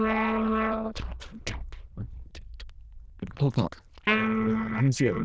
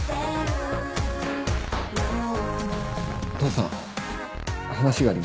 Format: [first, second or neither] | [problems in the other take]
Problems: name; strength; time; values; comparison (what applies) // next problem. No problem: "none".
second | noise reduction (neural diffusion model UNIVERSE++)